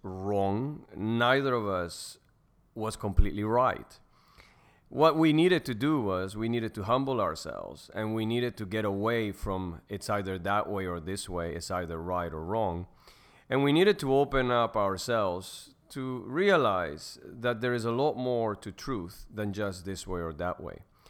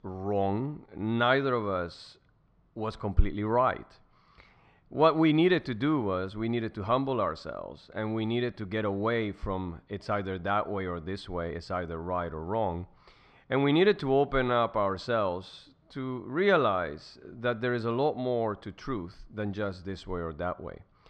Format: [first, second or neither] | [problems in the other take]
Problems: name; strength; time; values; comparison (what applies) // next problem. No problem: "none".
first | muffled; very slightly; fading above 4 kHz